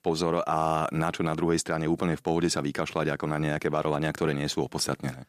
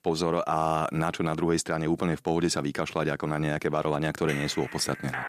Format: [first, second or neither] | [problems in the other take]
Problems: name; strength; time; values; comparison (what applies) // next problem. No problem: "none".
first | clattering dishes; noticeable; at 4.5 s; peak 8 dB below the speech